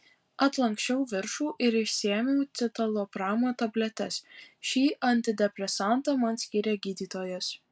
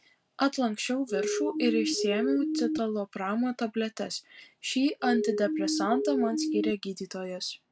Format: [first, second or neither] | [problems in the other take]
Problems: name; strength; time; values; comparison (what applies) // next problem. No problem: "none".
first | background sound (Siren); as loud as the speech